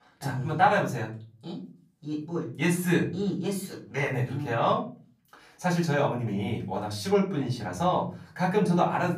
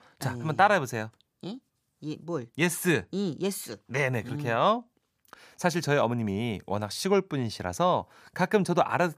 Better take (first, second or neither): second